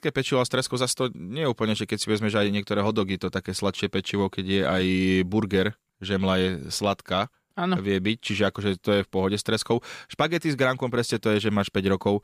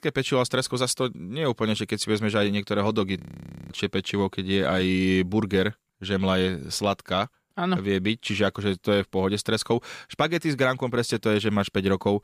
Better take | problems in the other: first | audio freezing; at 3 s for 0.5 s

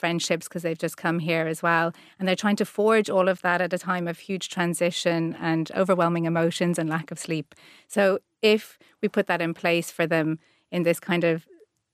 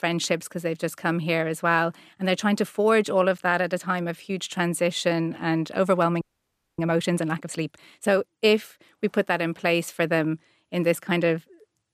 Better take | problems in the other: first | audio freezing; at 6 s for 0.5 s

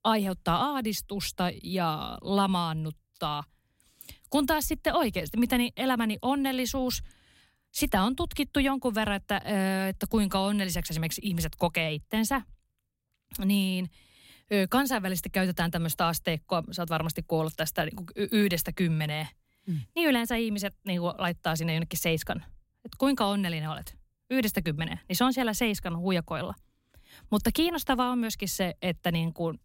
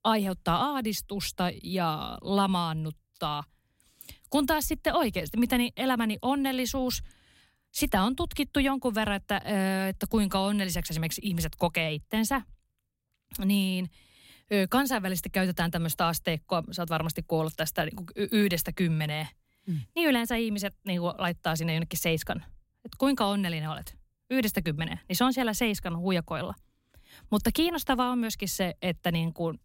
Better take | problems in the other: neither | none

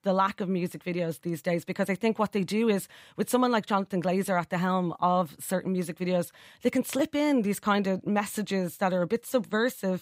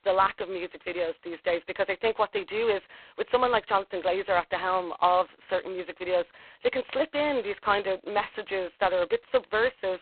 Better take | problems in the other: first | phone-call audio; poor line; nothing above 4 kHz

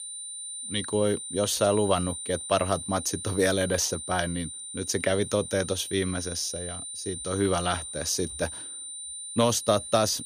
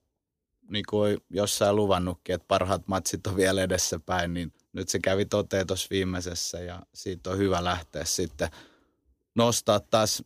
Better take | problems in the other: second | high-pitched whine; loud; throughout; 9 kHz, 8 dB below the speech

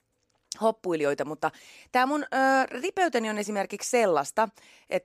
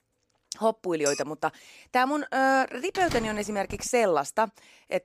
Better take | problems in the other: first | clattering dishes; noticeable; at 1 s; peak 6 dB below the speech // door banging; noticeable; at 3 s; peak 9 dB below the speech

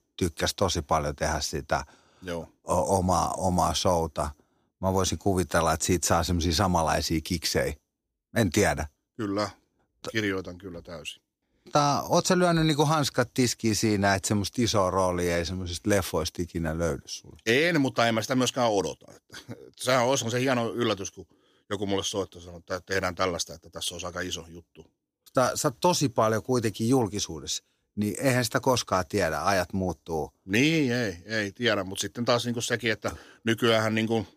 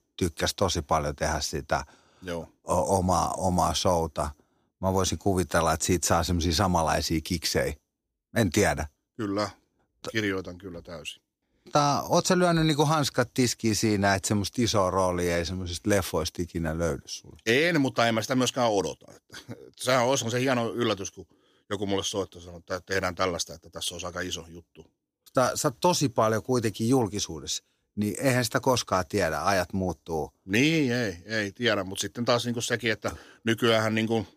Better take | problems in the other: neither | none

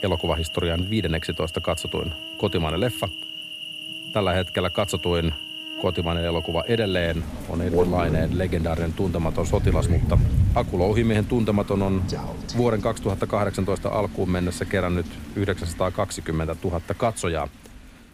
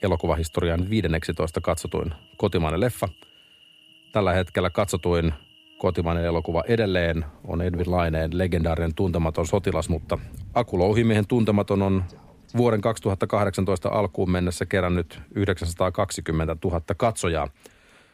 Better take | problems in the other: second | animal sounds; loud; throughout; 5 dB below the speech; faint in the second

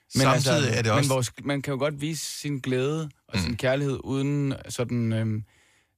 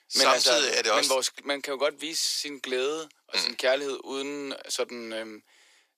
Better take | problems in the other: first | thin; very; fading below 350 Hz

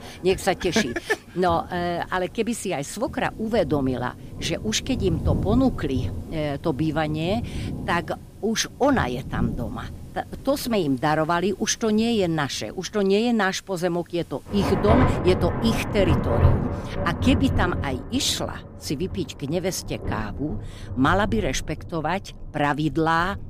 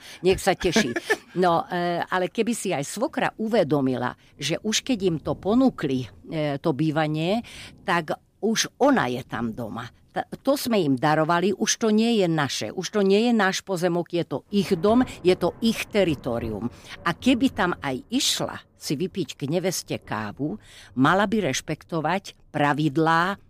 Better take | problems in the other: second | rain or running water; loud; throughout; 4 dB below the speech; faint in the second

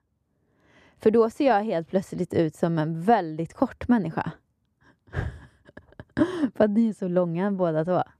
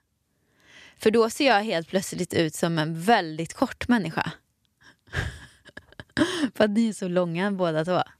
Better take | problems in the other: second | muffled; slightly; fading above 1.5 kHz

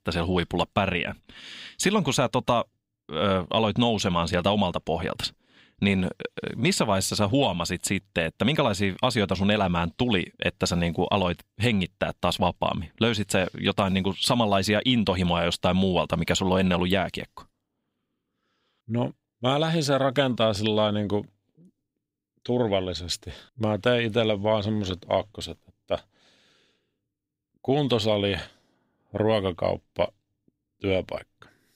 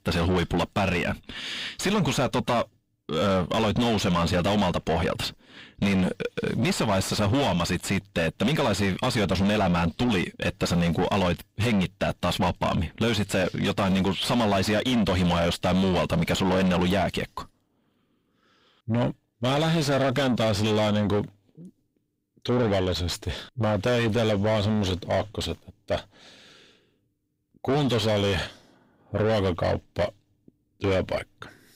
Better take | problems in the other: first | distortion; heavy; 6 dB below the speech

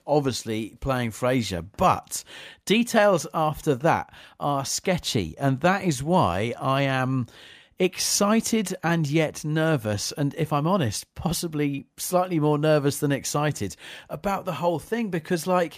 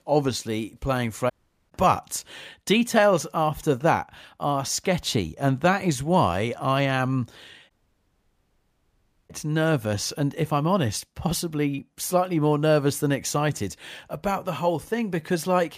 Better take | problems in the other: first | audio cutting out; at 1.5 s and at 7.5 s for 1.5 s

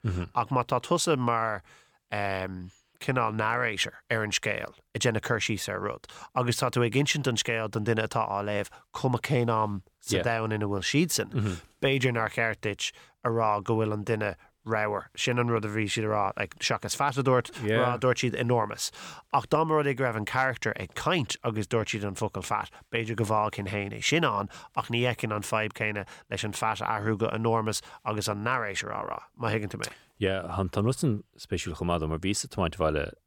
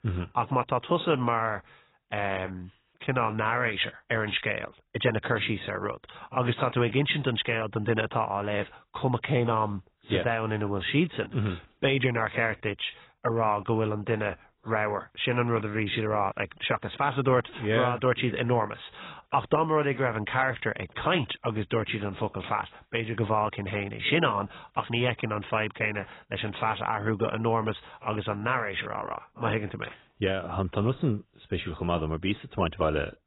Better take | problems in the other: first | garbled, watery; badly; nothing above 4 kHz

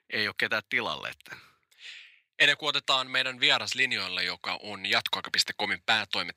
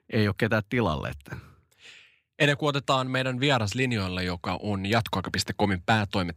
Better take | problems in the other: second | thin; somewhat; fading below 1 kHz

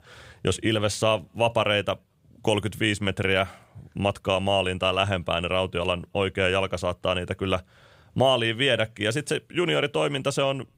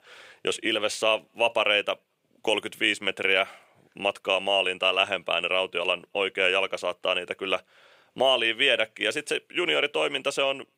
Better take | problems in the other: first | thin; somewhat; fading below 400 Hz

